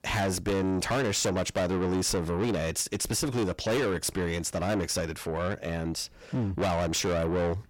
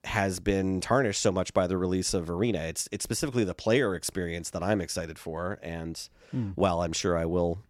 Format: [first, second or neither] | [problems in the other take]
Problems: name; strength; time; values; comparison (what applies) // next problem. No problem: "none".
second | distortion; heavy; 6 dB below the speech